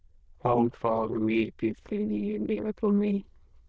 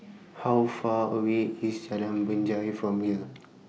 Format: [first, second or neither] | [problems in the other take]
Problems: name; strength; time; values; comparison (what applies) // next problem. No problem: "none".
second | noise reduction (neural diffusion model UNIVERSE++)